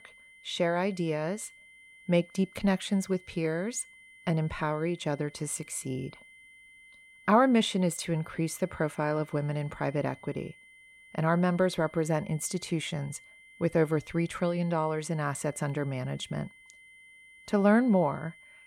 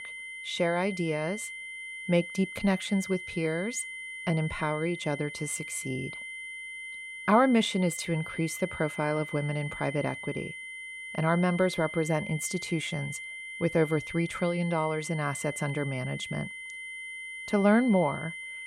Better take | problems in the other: first | high-pitched whine; loud; throughout; 2 kHz, 9 dB below the speech; faint in the first

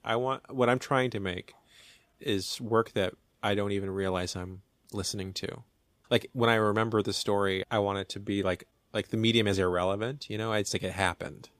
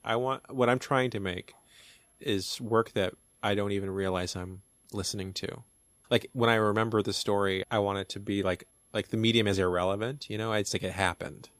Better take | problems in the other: first | high-pitched whine; faint; throughout; 11 kHz, 35 dB below the speech

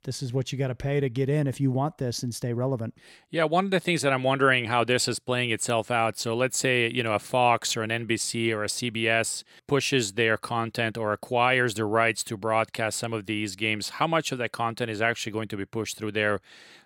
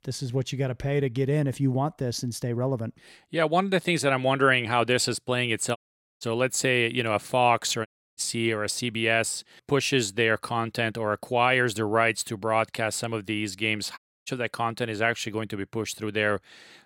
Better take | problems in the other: first | audio cutting out; at 6 s, at 8 s and at 14 s

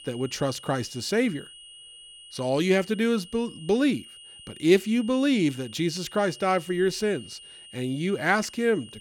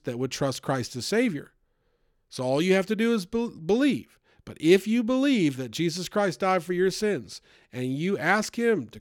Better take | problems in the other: second | high-pitched whine; noticeable; throughout; 3 kHz, 20 dB below the speech

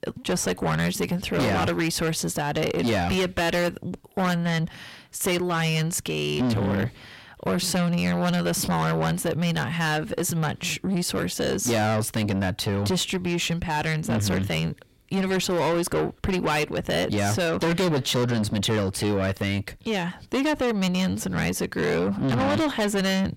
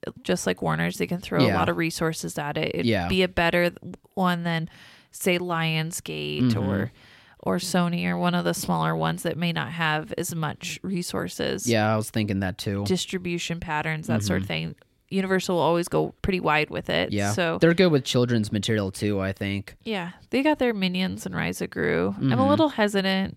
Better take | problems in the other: second | distortion; heavy; 6 dB below the speech

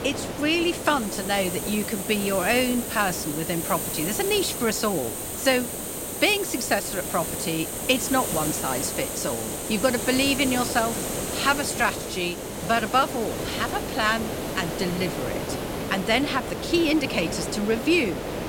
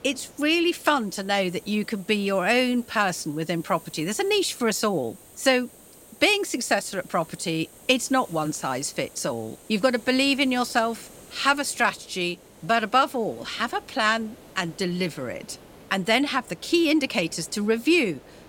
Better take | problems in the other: second | hiss; loud; throughout; 4 dB below the speech; faint in the second

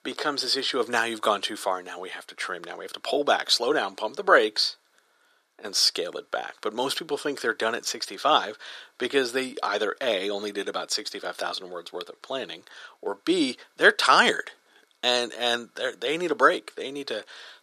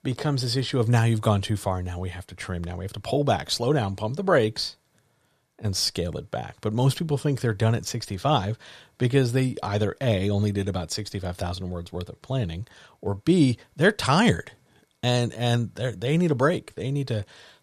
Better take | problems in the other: second | thin; very; fading below 300 Hz

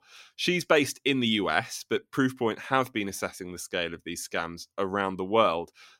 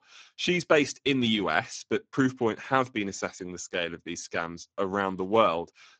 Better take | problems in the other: first | garbled, watery; badly

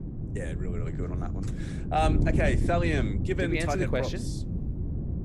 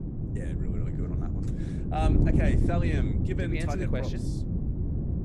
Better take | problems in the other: first | wind noise on the microphone; heavy; 3 dB below the speech; occasional gusts in the first

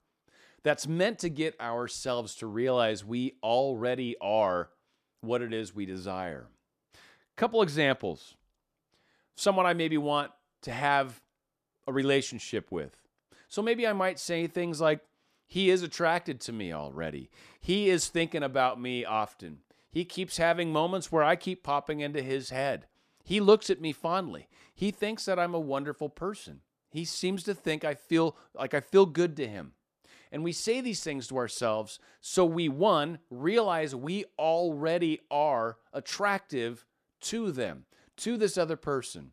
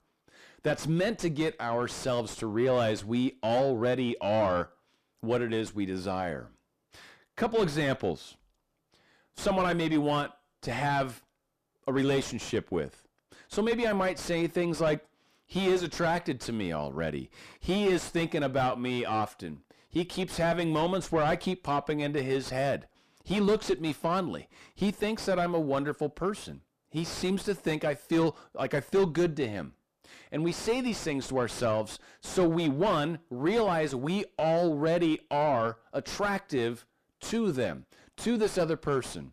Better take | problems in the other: first | distortion; heavy; 6 dB below the speech

